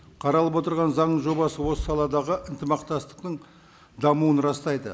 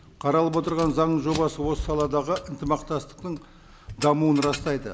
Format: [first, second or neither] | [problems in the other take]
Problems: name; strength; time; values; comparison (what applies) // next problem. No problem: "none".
first | background sound (Keys jangling); 16 dB below the speech